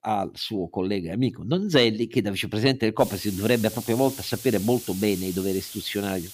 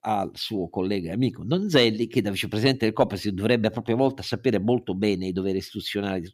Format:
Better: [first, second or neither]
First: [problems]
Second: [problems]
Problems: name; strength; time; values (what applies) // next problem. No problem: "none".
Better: second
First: hiss; noticeable; from 3 s on; 10 dB below the speech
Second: none